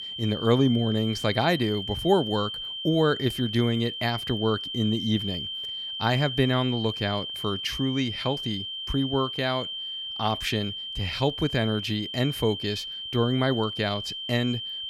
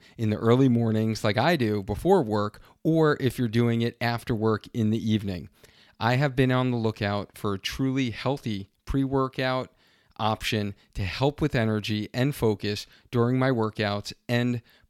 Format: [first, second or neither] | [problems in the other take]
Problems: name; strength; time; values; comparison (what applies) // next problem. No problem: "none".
second | high-pitched whine; loud; throughout; 3 kHz, 5 dB below the speech